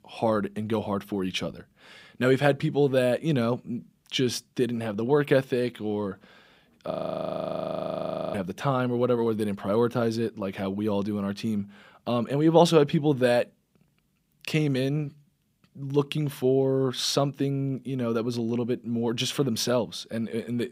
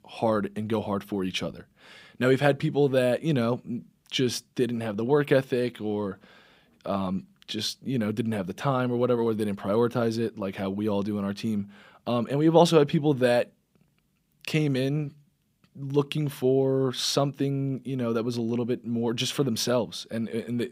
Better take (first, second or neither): second